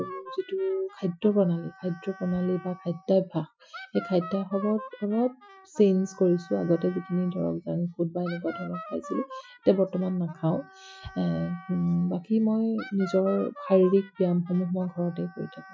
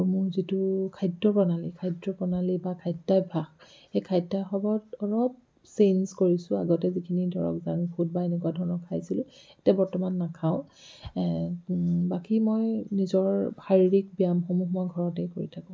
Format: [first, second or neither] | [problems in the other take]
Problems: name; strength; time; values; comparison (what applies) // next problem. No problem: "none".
second | noise reduction (classical method Wiener filter)